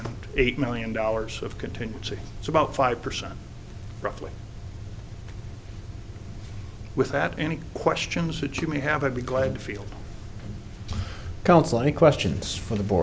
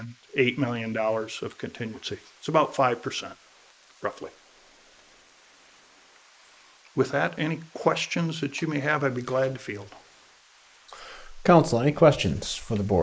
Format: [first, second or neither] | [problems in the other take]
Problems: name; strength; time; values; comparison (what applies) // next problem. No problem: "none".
first | noise reduction (neural mask model Resemble Enhance denoiser)